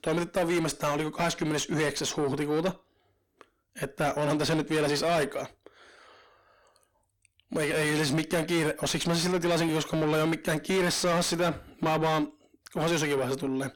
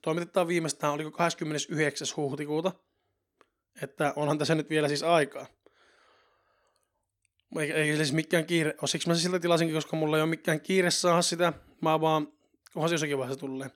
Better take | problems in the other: second | distortion; heavy; 4 dB below the speech

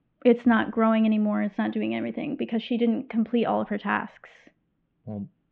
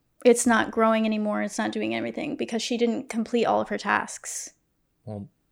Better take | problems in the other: second | muffled; very; fading above 3 kHz

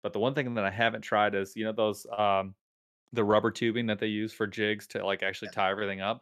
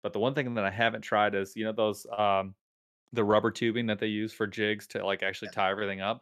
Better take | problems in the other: neither | none

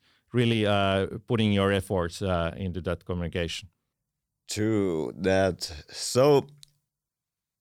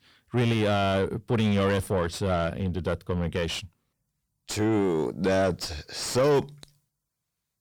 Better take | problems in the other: first | distortion; heavy; 7 dB below the speech

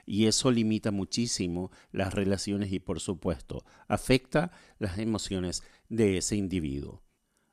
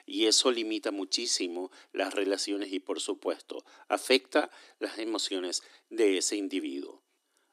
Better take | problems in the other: first | thin; somewhat; fading below 300 Hz

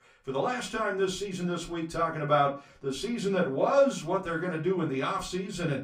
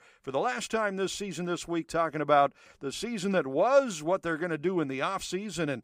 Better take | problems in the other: second | off-mic speech; far // room echo; very slight; dies away in 0.3 s

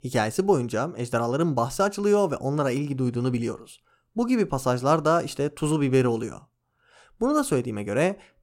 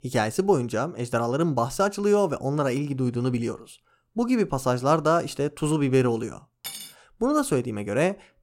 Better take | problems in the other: first | clattering dishes; faint; at 6.5 s; peak 10 dB below the speech

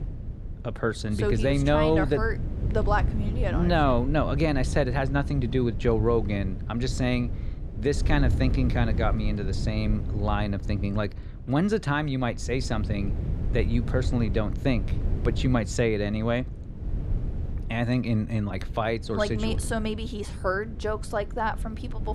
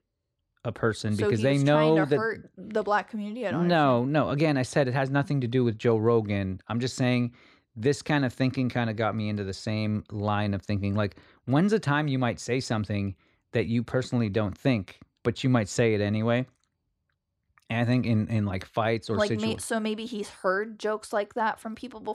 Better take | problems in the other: second | wind noise on the microphone; occasional gusts; 15 dB below the speech

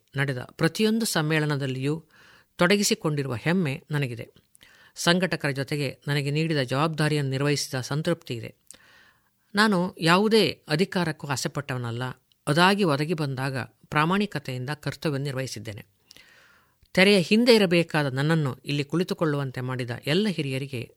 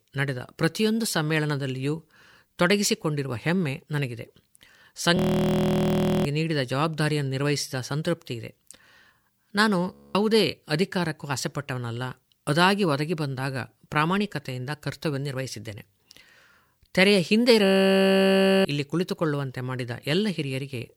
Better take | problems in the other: first | audio freezing; at 5 s for 1 s, at 10 s and at 18 s for 1 s

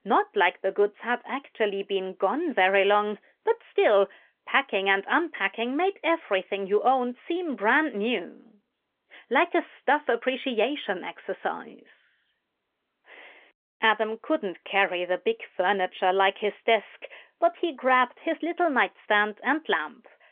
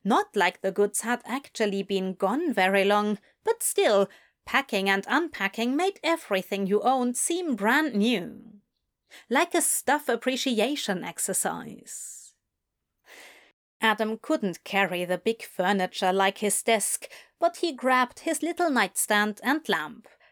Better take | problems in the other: second | phone-call audio; nothing above 3.5 kHz

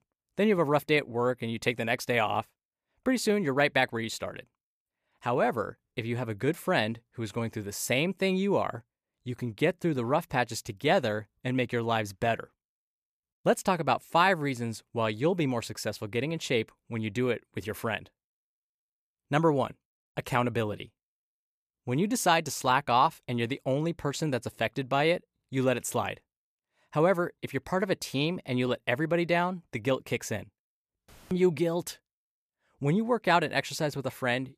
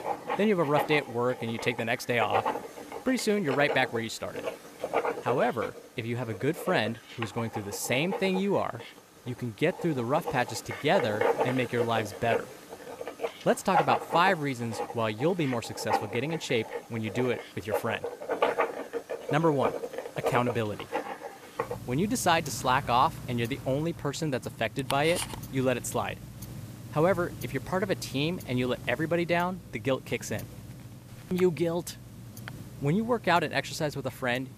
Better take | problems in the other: first | household noises; loud; throughout; 7 dB below the speech

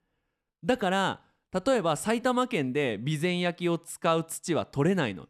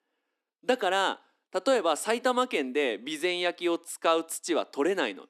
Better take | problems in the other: first | thin; somewhat; fading below 250 Hz

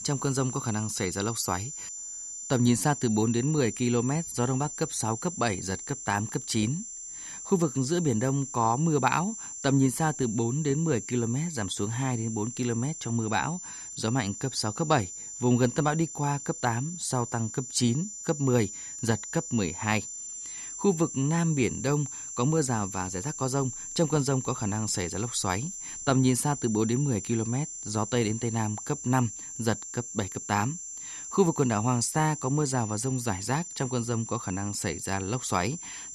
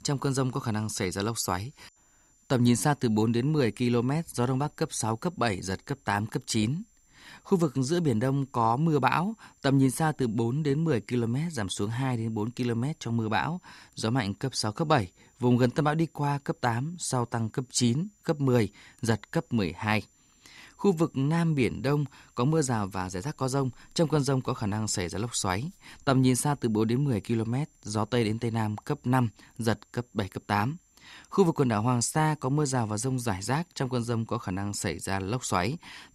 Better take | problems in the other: second | high-pitched whine; loud; throughout; 7.5 kHz, 8 dB below the speech; faint in the second

